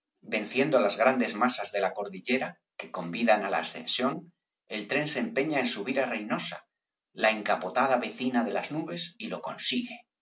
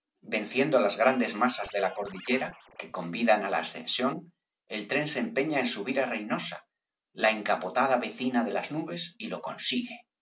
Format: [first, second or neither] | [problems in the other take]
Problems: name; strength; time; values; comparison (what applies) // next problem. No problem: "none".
first | background sound (Scratching (performance technique)); 18 dB below the speech